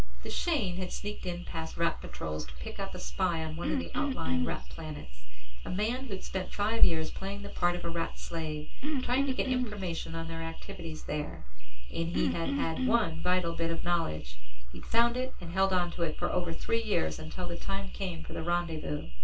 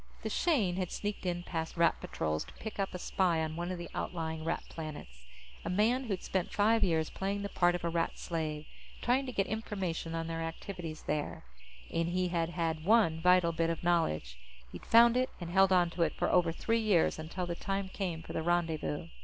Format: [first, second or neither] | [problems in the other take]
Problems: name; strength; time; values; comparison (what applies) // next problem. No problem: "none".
second | background sound (Cough); 12 dB below the speech // room echo; dies away in 0.2 s